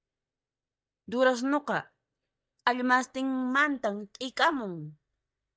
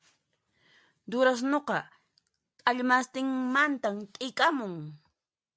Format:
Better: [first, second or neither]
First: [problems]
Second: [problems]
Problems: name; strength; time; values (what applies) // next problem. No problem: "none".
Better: second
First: noise reduction (neural mask model DeepFilterNet 3)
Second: none